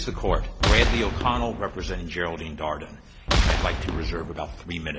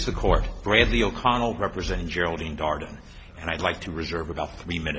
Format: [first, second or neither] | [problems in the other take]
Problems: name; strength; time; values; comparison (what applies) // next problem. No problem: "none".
second | background sound (Boom); 3 dB above the speech